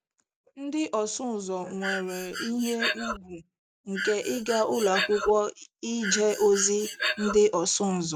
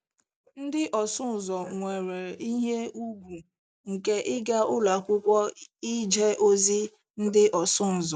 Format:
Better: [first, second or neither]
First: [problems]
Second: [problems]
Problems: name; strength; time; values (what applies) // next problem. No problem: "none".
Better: second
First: background sound (Breathing); 5 dB below the speech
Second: none